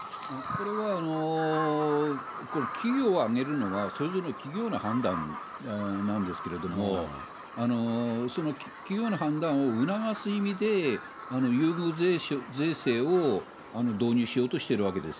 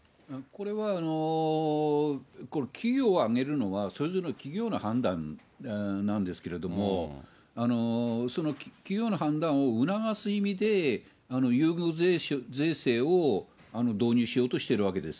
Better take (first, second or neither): second